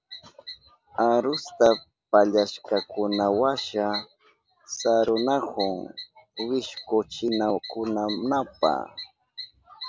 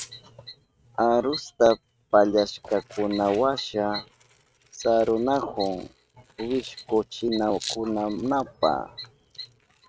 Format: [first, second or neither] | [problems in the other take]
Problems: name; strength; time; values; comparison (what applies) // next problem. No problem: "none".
first | noise reduction (neural mask model RNNoise)